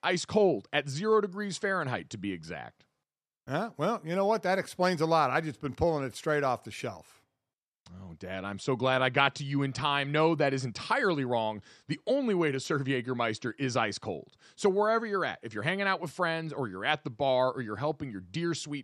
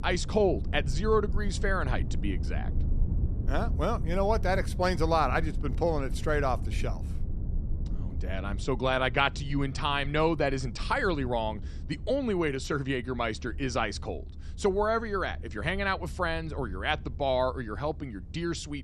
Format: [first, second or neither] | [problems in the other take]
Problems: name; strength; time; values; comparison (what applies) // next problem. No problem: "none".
first | low rumble; faint; throughout; 20 dB below the speech